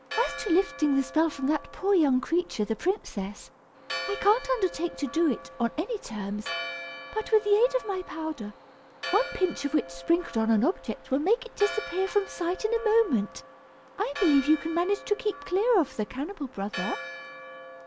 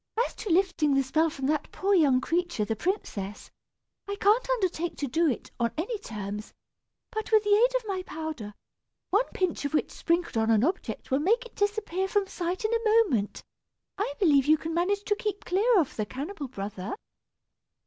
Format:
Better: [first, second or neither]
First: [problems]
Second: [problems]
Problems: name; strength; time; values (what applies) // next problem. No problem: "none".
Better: second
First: background sound (Church bell); 13 dB below the speech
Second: none